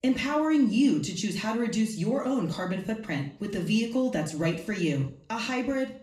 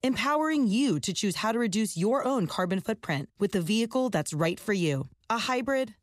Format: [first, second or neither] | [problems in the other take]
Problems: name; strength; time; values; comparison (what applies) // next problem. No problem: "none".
second | room echo; slight; dies away in 0.4 s // off-mic speech; far